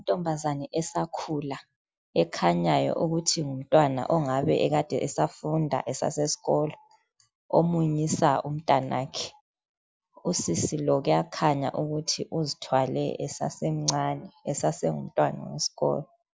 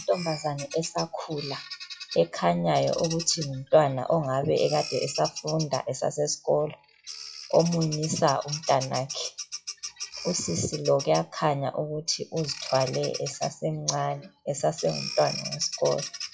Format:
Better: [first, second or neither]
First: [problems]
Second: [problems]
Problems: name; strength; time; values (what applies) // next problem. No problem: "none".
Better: first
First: none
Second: noise reduction (classical method WPE with log-MMSE)